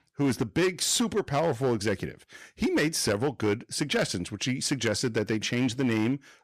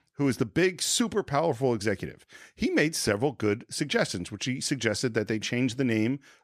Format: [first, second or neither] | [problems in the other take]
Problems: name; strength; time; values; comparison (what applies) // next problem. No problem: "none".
second | distortion; slight; 8% of the sound clipped